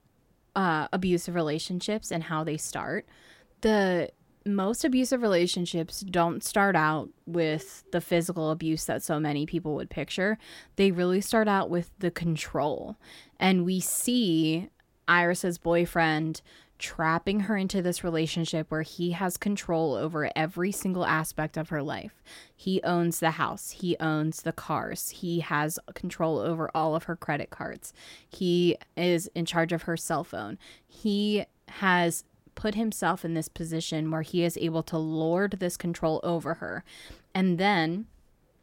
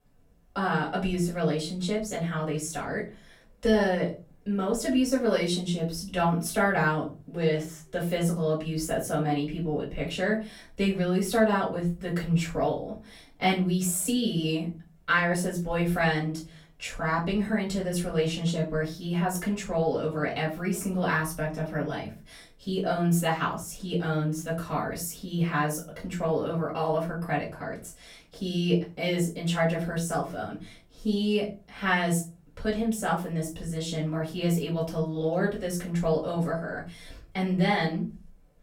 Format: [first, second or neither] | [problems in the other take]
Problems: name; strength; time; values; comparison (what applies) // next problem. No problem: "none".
first | off-mic speech; far // room echo; slight; dies away in 0.3 s